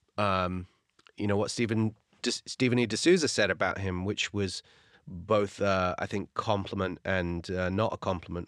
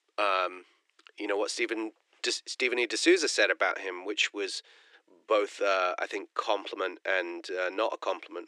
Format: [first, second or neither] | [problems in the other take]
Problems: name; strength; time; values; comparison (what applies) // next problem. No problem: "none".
first | thin; very; fading below 300 Hz